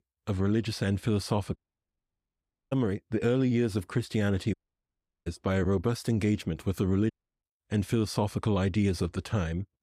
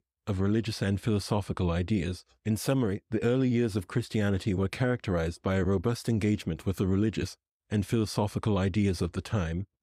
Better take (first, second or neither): second